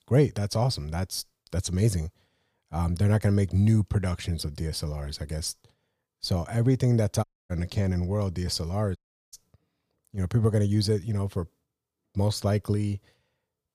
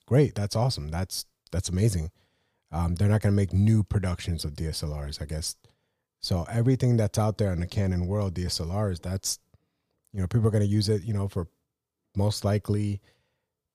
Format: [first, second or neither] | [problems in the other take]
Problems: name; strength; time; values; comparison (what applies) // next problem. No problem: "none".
second | audio cutting out; at 7 s and at 9 s